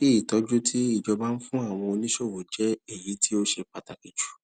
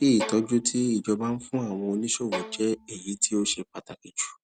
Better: first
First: none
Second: background sound (Bowed string instrument); 13 dB below the speech

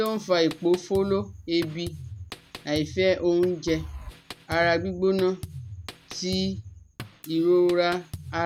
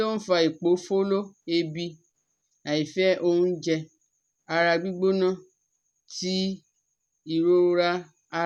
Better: second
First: background sound (Drum kit); 14 dB below the speech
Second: none

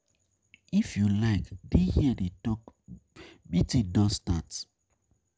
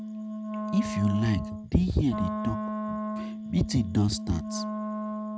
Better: first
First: none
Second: background sound (Wind instrument, woodwind instrument); 5 dB below the speech

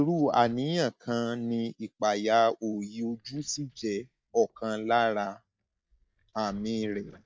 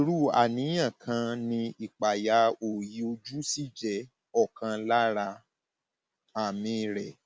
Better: second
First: noise reduction (neural mask model DeepFilterNet 3)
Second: none

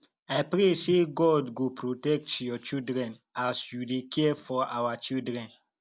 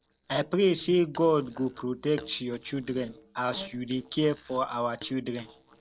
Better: first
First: none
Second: noise reduction (neural separator model SepFormer DNS4)

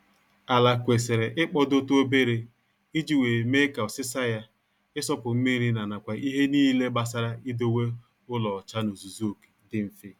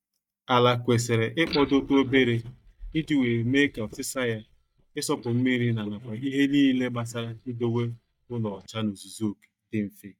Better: first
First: none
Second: noise reduction (neural mask model DeepFilterNet 3)

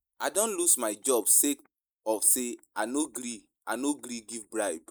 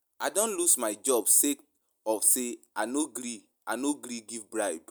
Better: second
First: noise reduction (neural mask model Resemble Enhance denoiser)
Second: none

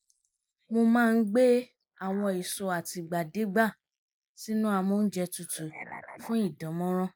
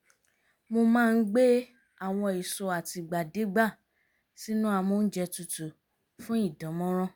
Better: second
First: noise reduction (neural mask model Resemble Enhance denoiser)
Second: none

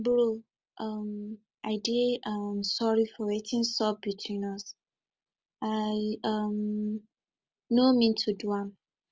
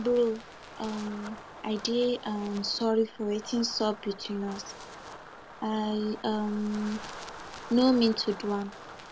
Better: first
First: none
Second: background sound (Wind); 15 dB below the speech

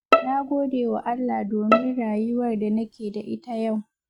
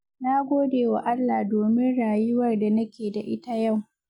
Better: second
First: noise reduction (neural mask model RNNoise)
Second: none

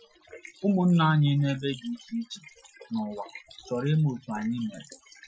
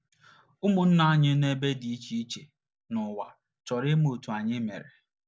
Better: second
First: noise reduction (classical method Wiener filter)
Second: none

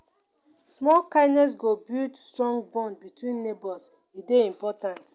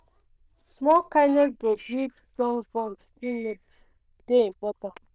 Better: first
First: none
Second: noise reduction (neural diffusion model UNIVERSE++)

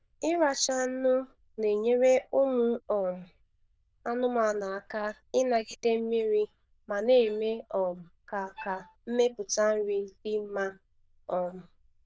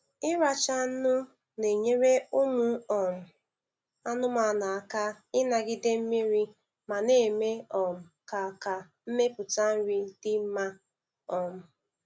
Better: second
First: noise reduction (neural diffusion model UNIVERSE++)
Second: none

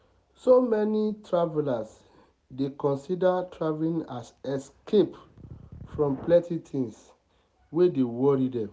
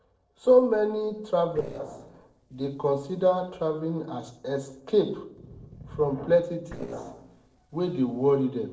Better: first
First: none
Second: noise reduction (neural separator model SepFormer DNS4)

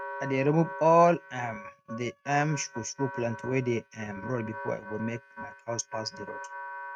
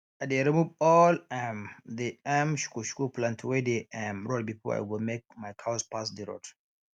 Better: second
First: noise reduction (neural mask model RNNoise)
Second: none

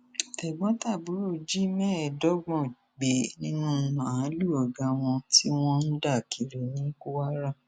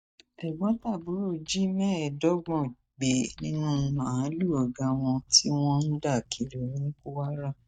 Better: first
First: none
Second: noise reduction (neural mask model DeepFilterNet 3)

